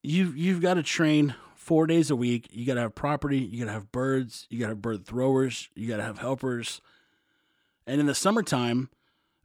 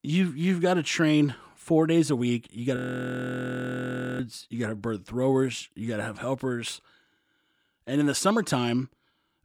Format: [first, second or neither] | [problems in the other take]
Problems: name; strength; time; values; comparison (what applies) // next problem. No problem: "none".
first | audio freezing; at 3 s for 1.5 s